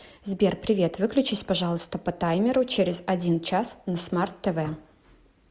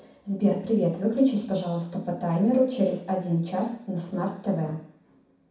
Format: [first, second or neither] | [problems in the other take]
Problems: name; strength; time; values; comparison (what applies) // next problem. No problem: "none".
first | room echo; dies away in 0.6 s